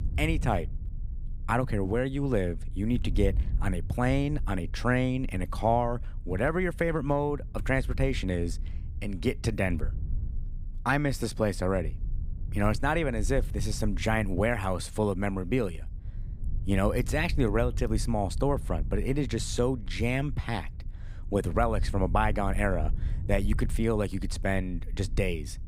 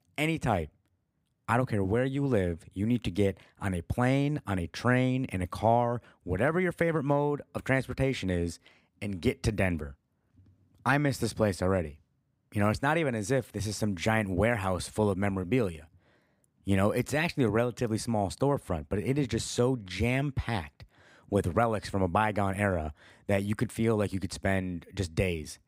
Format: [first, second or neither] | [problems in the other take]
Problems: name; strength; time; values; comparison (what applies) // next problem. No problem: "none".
second | low rumble; faint; throughout; 25 dB below the speech